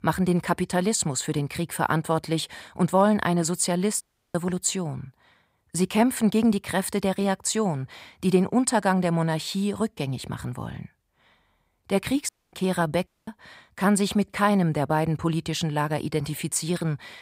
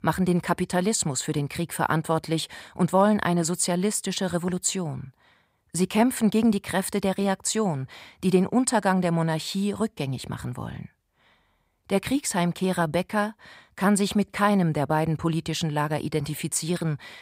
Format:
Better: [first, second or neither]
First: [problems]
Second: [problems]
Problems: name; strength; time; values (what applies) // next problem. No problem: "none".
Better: second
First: audio cutting out; at 4 s, at 12 s and at 13 s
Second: none